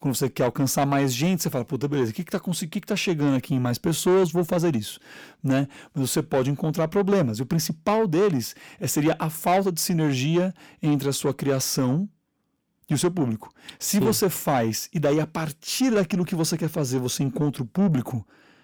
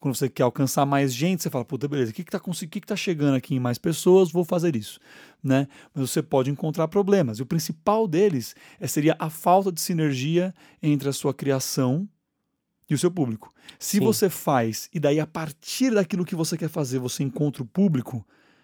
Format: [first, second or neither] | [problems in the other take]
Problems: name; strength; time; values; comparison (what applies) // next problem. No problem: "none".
second | distortion; slight; 10 dB below the speech